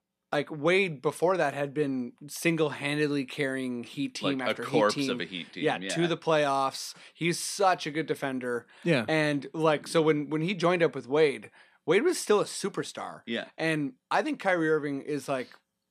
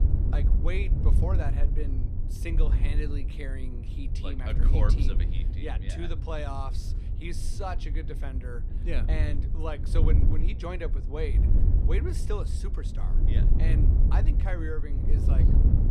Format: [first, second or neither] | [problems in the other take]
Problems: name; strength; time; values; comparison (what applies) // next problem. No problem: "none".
first | wind noise on the microphone; heavy; 4 dB below the speech